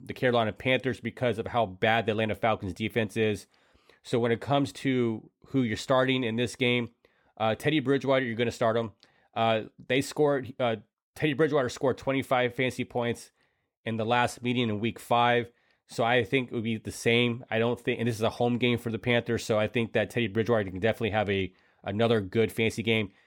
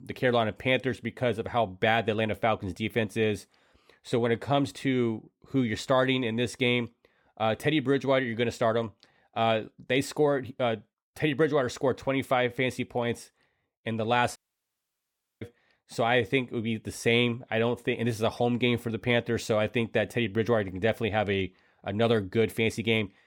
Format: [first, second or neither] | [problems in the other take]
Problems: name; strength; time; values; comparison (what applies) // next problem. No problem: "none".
first | audio cutting out; at 14 s for 1 s